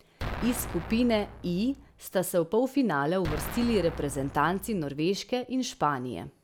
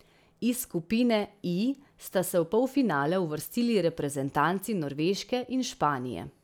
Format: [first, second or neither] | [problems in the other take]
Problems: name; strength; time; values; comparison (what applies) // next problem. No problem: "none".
second | background sound (Explosion); 11 dB below the speech